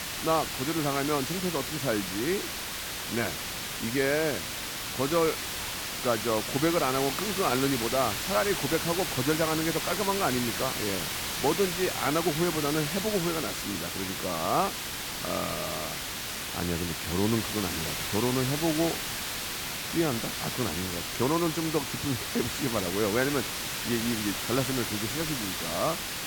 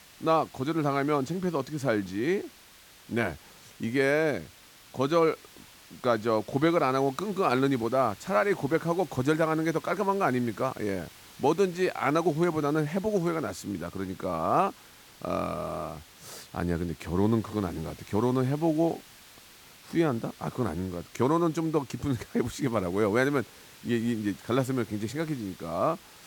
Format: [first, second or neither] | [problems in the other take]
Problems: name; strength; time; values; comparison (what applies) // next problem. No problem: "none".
second | hiss; loud; throughout; 1 dB below the speech; faint in the second